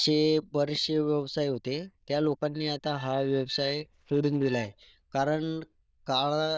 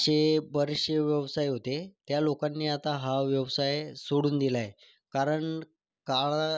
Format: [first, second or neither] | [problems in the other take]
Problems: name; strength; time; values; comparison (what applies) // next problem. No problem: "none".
second | noise reduction (neural diffusion model UNIVERSE++)